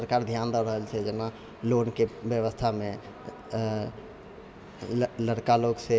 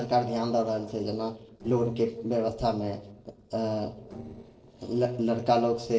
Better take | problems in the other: first | noise reduction (neural separator model SepFormer DNS4)

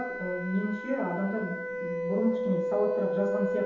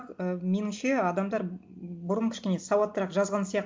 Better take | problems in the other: second | background sound (Wind instrument, woodwind instrument); 2 dB below the speech // room echo; dies away in 0.8 s

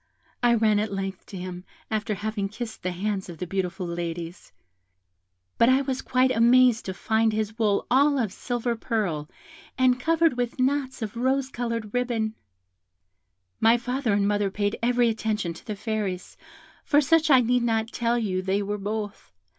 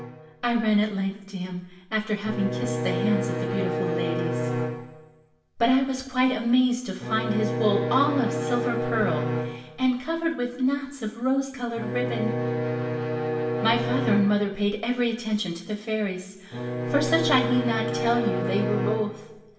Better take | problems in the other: first | background sound (Bowed string instrument); 3 dB below the speech // room echo; dies away in 1.1 s

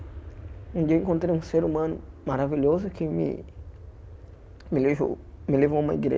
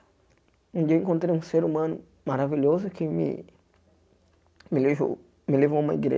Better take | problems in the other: second | background sound (Aircraft); 16 dB below the speech

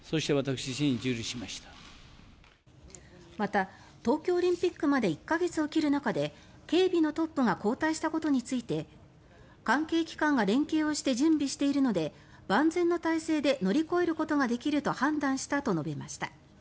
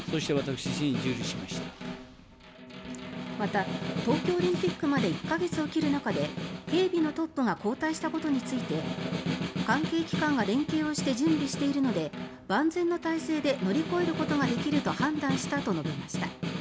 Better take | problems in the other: first | background sound (Snare drum); 5 dB below the speech

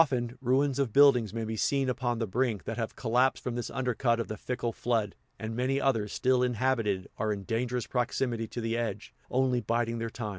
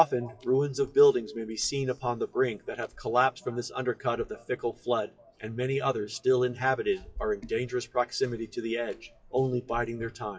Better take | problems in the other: first | noise reduction (classical method WPE with log-MMSE)

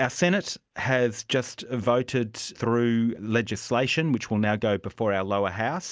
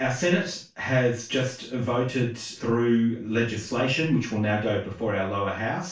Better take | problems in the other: first | room echo; dies away in 0.3 s

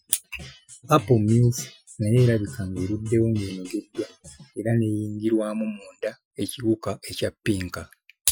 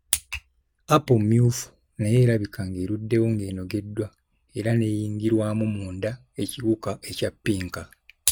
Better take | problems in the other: second | noise reduction (classical method Wiener filter)

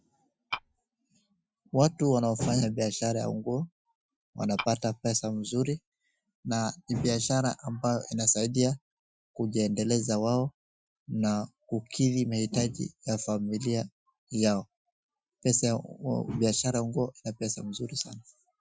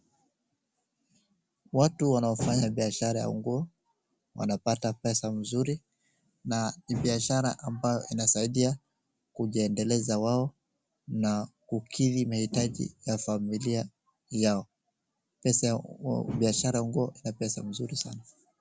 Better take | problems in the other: second | noise reduction (classical method Wiener filter)

